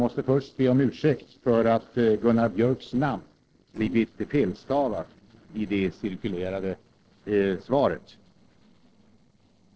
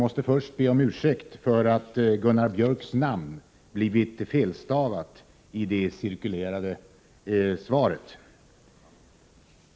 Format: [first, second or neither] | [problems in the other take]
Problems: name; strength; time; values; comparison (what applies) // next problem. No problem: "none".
second | noise reduction (neural separator model SepFormer DNS4)